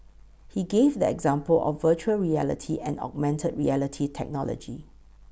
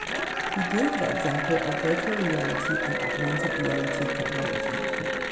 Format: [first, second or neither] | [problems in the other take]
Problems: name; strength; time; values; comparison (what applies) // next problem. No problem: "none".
first | background sound (Applause / Cheering); 2 dB above the speech // room echo; dies away in 0.9 s